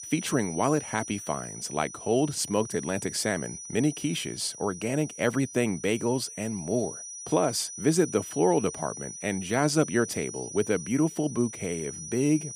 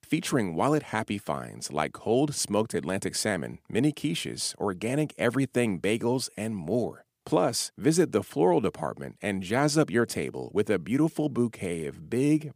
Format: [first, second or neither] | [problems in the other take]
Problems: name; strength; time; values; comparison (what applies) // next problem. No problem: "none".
second | high-pitched whine; noticeable; throughout; 6 kHz, 10 dB below the speech